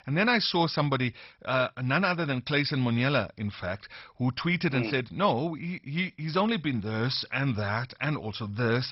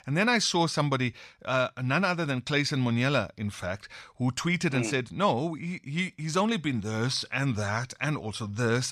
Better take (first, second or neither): second